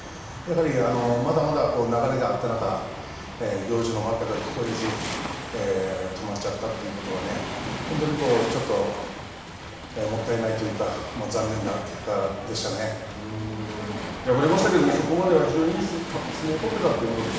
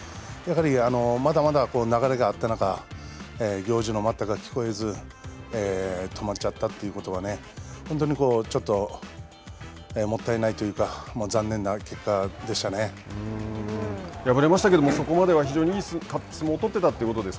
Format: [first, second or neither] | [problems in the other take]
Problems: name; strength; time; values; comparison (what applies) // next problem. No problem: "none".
second | background sound (Waves, surf); 10 dB below the speech // room echo; dies away in 0.9 s